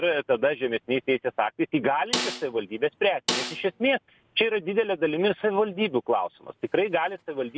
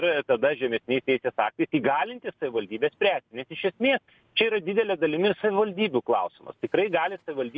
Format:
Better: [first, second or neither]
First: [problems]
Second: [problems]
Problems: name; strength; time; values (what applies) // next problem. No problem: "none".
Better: second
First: background sound (Snare drum); 7 dB below the speech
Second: none